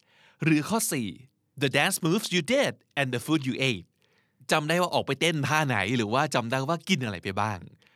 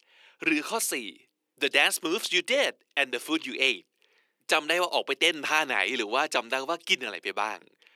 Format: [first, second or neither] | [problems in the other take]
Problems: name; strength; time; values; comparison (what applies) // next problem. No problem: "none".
first | thin; somewhat; fading below 350 Hz